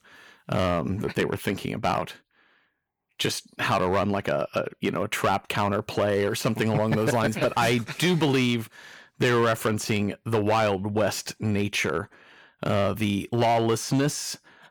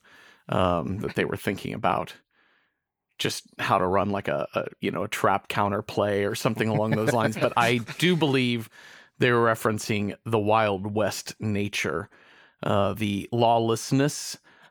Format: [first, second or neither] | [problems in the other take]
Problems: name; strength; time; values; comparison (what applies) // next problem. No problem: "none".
second | distortion; slight; 5% of the sound clipped